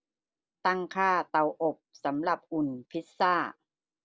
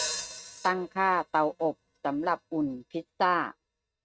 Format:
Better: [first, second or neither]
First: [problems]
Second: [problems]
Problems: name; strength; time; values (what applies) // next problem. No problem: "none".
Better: first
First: none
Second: noise reduction (neural mask model RNNoise)